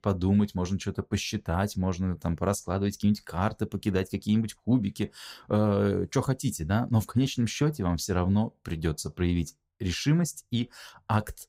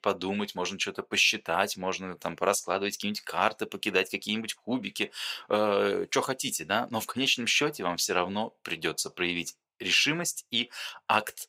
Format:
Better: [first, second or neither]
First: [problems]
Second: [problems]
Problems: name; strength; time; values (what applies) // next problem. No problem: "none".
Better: first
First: none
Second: thin; somewhat; fading below 450 Hz